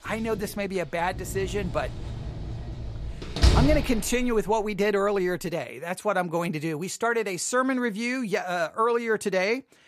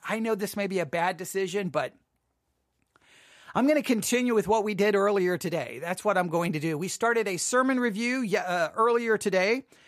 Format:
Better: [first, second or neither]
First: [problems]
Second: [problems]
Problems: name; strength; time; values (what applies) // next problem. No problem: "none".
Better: second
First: door banging; loud; from 1.5 to 4.5 s; peak 5 dB above the speech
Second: none